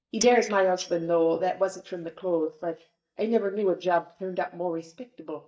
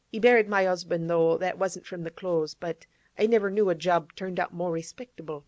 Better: second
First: noise reduction (neural mask model DeepFilterNet 3)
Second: none

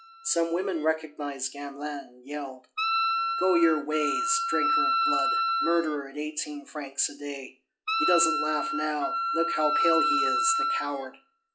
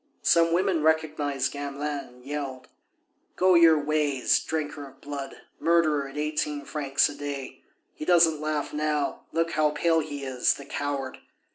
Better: second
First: noise reduction (classical method log-MMSE)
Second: none

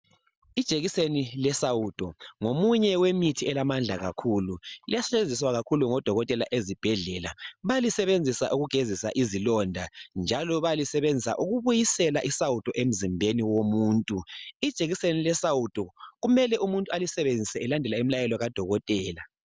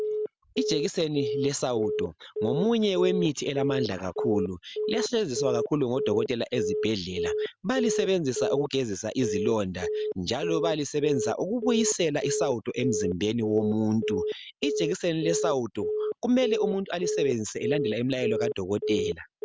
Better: first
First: none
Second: background sound (Telephone); 3 dB below the speech

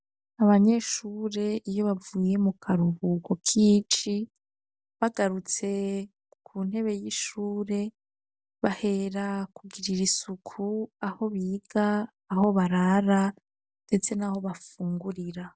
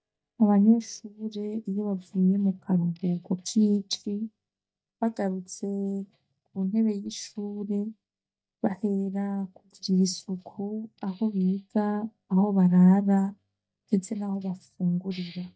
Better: first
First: none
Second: noise reduction (neural mask model DeepFilterNet 3)

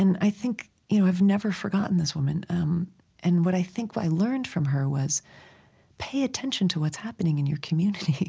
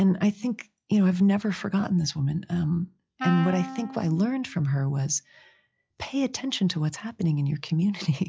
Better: first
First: none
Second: noise reduction (classical method log-MMSE)

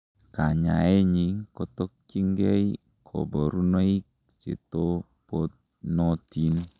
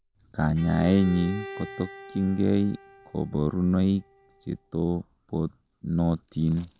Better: first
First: none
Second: background sound (Bowed string instrument); 18 dB below the speech

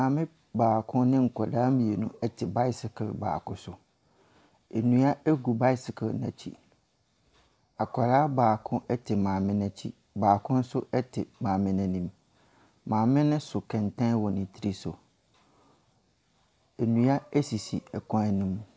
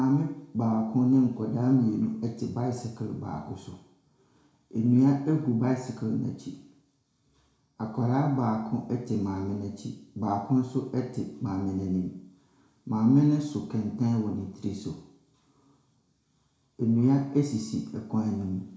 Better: first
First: none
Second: room echo; dies away in 0.6 s

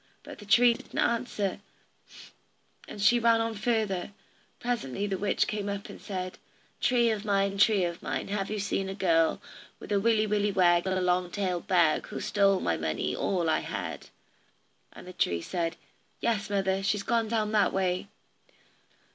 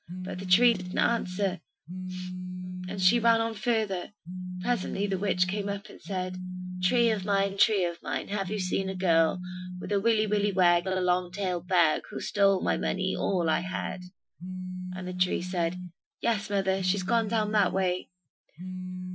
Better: first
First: none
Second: noise reduction (classical method Wiener filter)

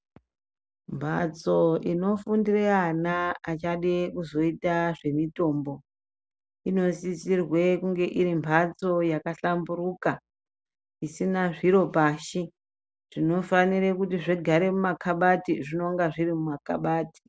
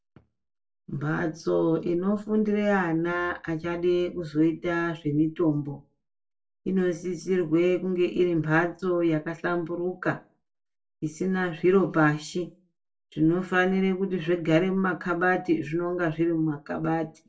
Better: first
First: none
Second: room echo; dies away in 0.2 s

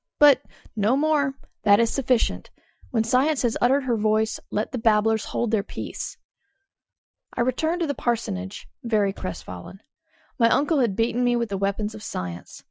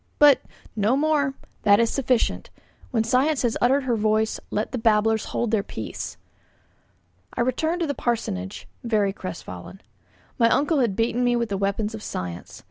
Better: second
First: noise reduction (classical method Wiener filter)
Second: none

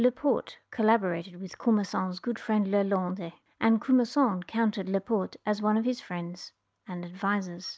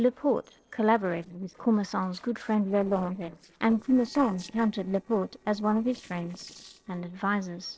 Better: first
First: none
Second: noise reduction (neural separator model SepFormer DNS4)

